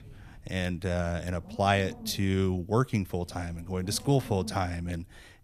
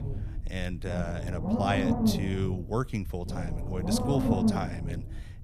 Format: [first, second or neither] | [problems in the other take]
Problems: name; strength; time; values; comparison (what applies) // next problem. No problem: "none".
first | low rumble; loud; throughout; as loud as the speech; faint in the first